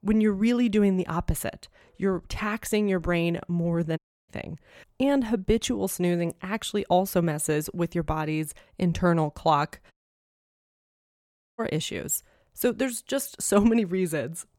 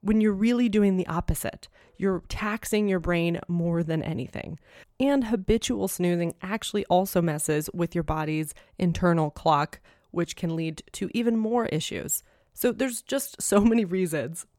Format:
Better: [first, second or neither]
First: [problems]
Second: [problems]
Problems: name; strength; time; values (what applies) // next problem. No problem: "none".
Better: second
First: audio cutting out; at 4 s and at 10 s for 1.5 s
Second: none